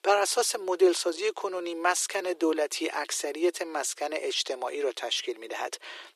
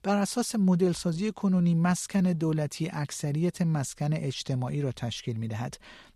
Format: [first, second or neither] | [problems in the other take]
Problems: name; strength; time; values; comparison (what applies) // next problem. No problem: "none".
second | thin; very; fading below 350 Hz